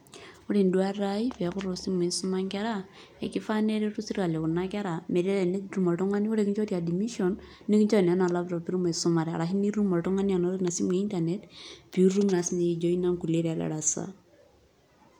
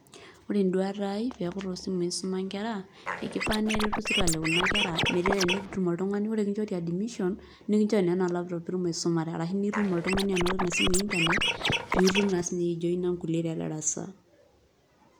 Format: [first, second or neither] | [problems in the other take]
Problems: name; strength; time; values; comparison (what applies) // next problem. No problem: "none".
first | background sound (Scratching (performance technique)); as loud as the speech